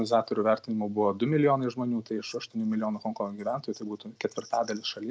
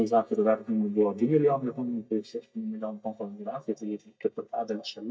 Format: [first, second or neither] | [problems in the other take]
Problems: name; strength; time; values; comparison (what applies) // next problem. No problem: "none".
first | noise reduction (neural mask model DeepFilterNet 3)